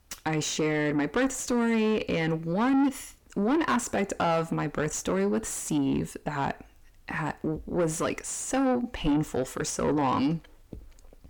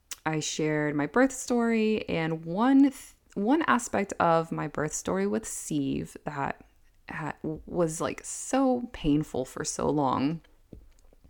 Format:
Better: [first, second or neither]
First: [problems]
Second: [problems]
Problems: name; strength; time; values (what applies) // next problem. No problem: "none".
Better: second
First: distortion; heavy; 7 dB below the speech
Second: none